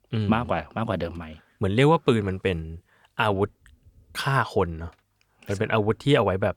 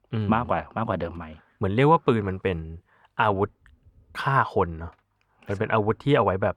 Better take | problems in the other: first | muffled; slightly; fading above 3.5 kHz

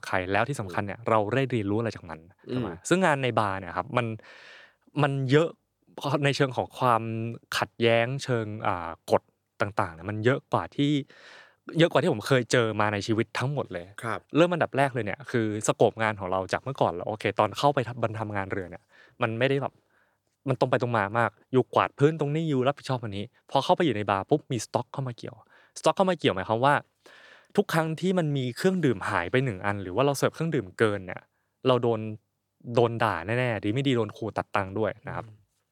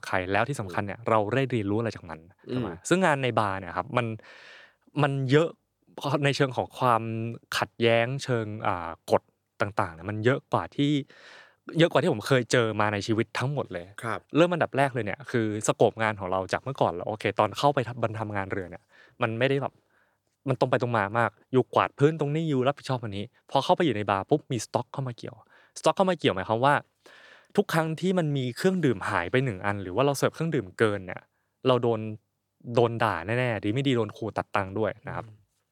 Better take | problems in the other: neither | none

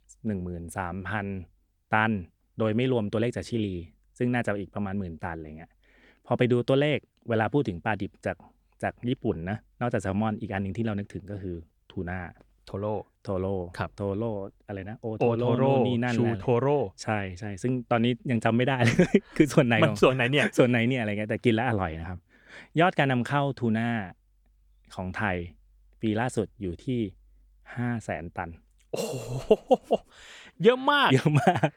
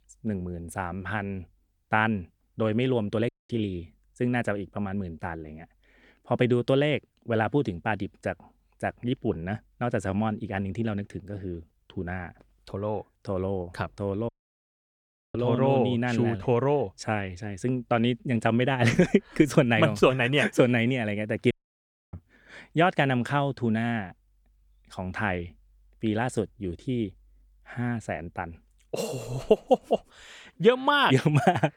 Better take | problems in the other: first | audio cutting out; at 3.5 s, at 14 s for 1 s and at 22 s for 0.5 s

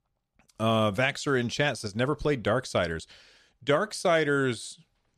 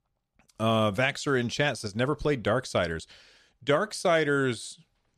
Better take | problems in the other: neither | none

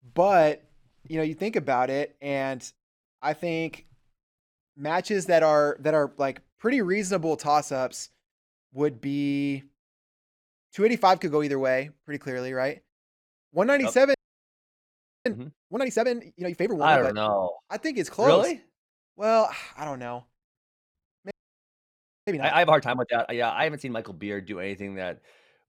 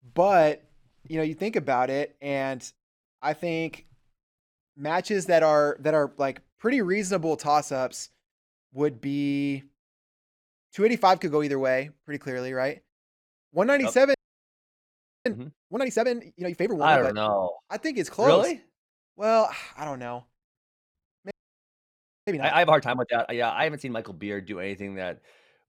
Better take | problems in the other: neither | audio freezing; at 14 s for 1 s and at 21 s for 1 s; the same in both

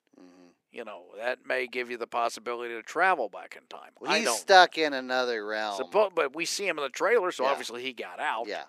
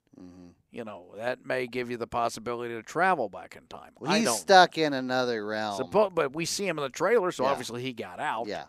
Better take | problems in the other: second | thin; somewhat; fading below 350 Hz

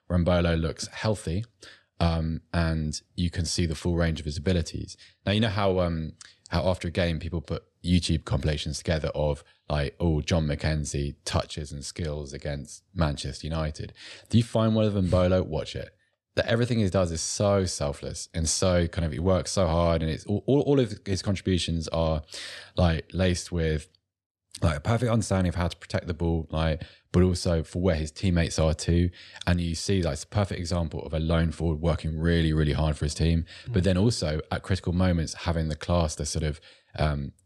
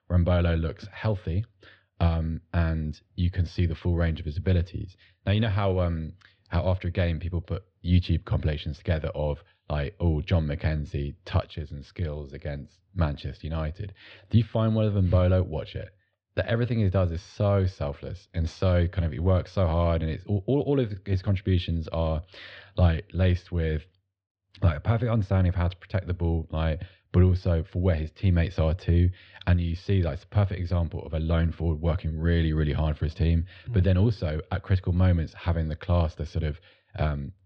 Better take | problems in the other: first | muffled; slightly; fading above 3.5 kHz

